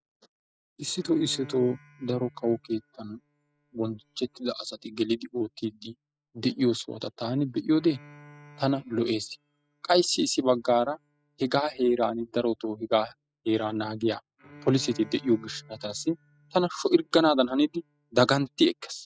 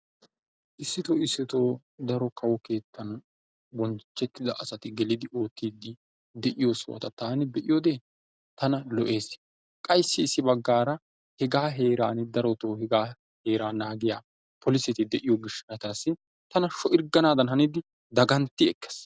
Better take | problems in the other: second | noise reduction (classical method spectral subtraction)

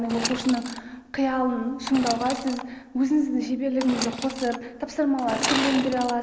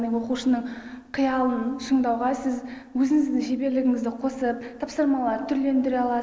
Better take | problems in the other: second | background sound (Sawing / Engine); 8 dB below the speech

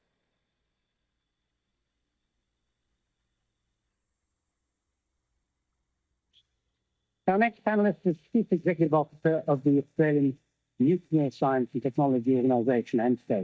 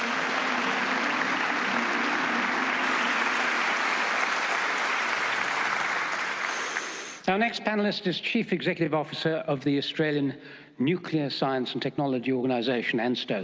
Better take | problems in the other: second | noise reduction (neural mask model DeepFilterNet 3)

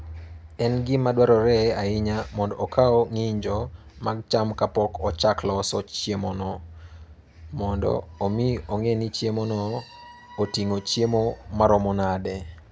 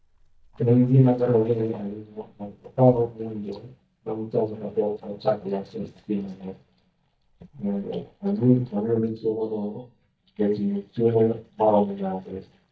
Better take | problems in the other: first | noise reduction (neural mask model DeepFilterNet 3)

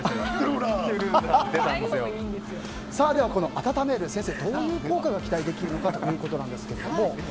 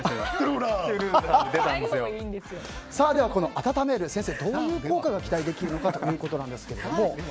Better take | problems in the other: second | background sound (Microwave oven); 10 dB below the speech

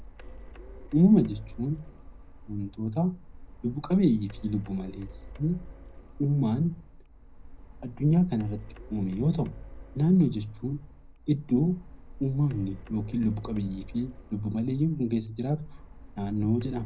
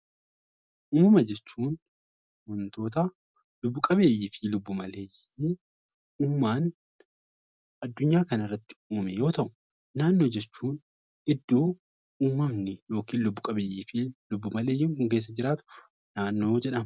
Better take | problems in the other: second | background sound (Printer); 16 dB below the speech // room echo; dies away in 0.3 s

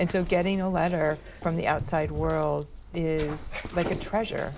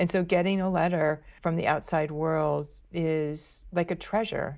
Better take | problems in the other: second | background sound (Dog); 10 dB below the speech

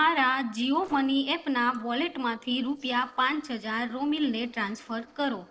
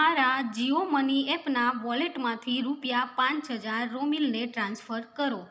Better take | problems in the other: second | noise reduction (neural separator model SepFormer DNS4)

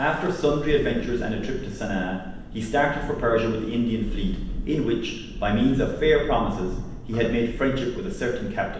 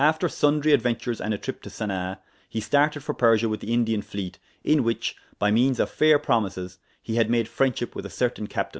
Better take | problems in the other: second | background sound (Thunder); 8 dB below the speech // room echo; dies away in 0.9 s

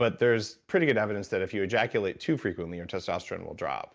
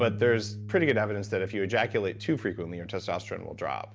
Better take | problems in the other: first | background sound (Bass guitar); 11 dB below the speech

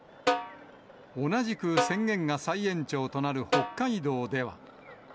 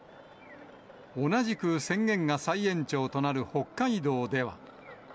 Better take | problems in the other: second | background sound (Snare drum); 3 dB below the speech

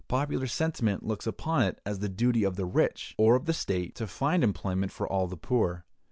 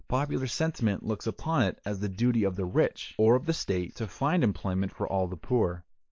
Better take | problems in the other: first | noise reduction (neural mask model Resemble Enhance denoiser)

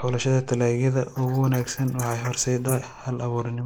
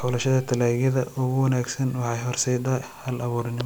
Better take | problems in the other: second | noise reduction (neural mask model Resemble Enhance denoiser)

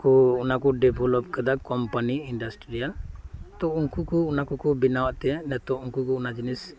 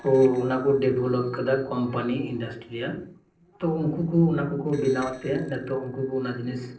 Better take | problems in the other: first | noise reduction (neural separator model SepFormer DNS4)

